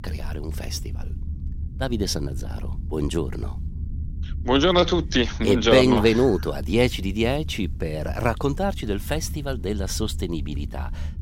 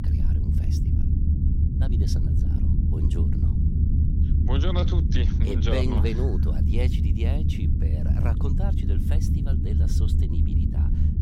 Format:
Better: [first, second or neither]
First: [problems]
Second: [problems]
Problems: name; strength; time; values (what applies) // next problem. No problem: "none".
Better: first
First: low rumble; faint; throughout; 25 dB below the speech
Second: low rumble; loud; throughout; 2 dB below the speech